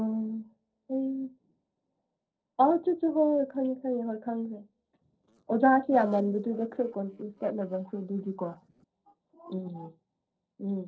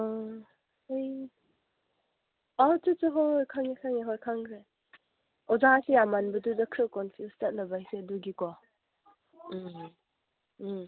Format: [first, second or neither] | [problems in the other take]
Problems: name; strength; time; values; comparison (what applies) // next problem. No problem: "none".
second | noise reduction (neural separator model SepFormer DNS4)